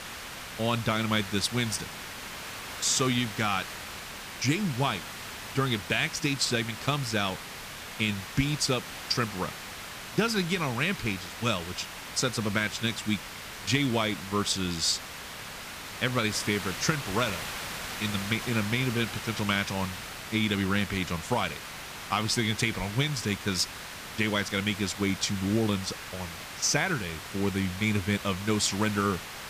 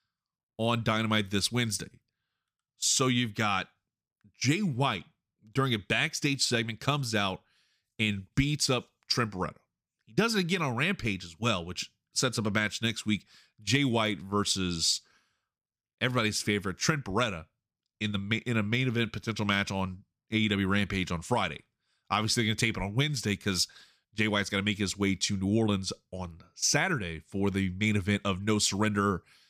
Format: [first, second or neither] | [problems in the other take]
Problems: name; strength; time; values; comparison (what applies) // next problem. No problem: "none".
second | hiss; loud; throughout; 9 dB below the speech